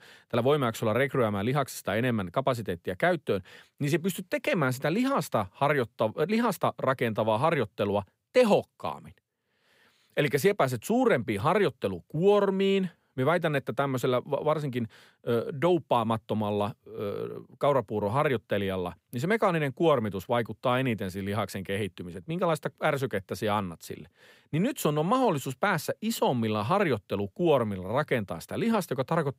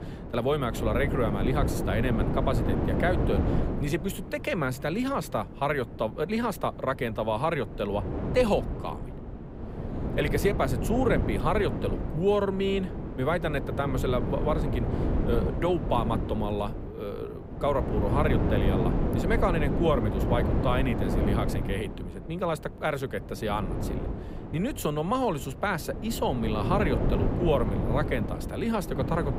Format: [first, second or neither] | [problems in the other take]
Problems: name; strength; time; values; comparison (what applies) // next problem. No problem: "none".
first | wind noise on the microphone; heavy; 6 dB below the speech